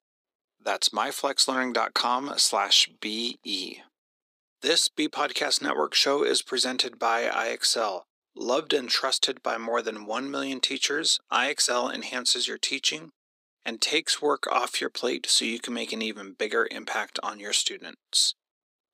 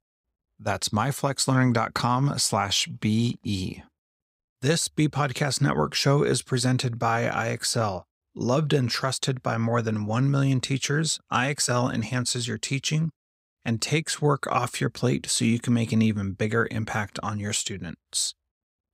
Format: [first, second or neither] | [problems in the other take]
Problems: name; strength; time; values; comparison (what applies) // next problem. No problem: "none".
second | thin; somewhat; fading below 300 Hz